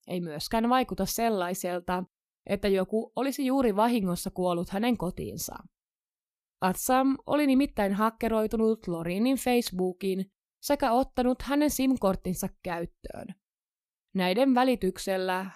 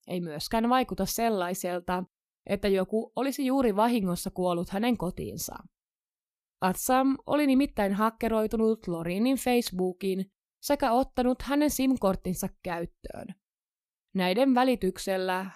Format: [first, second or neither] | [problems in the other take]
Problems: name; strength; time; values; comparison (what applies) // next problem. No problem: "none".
neither | none